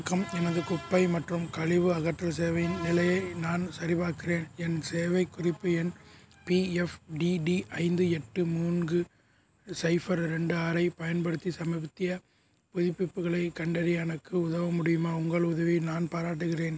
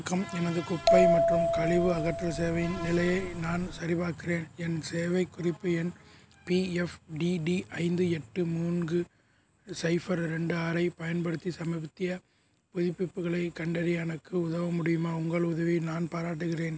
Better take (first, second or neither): first